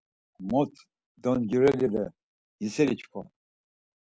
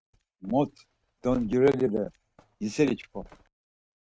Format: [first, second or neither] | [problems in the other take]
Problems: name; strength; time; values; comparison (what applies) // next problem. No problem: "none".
first | noise reduction (neural mask model RNNoise)